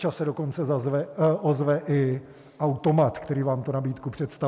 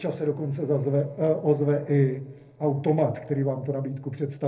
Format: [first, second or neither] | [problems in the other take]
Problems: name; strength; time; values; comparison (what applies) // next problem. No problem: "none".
first | noise reduction (neural separator model SepFormer DNS4)